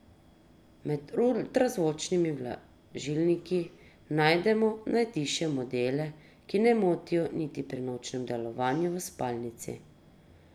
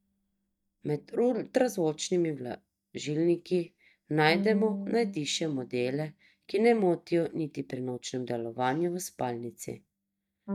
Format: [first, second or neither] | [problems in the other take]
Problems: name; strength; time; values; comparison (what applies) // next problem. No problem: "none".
first | noise reduction (neural mask model DeepFilterNet 3)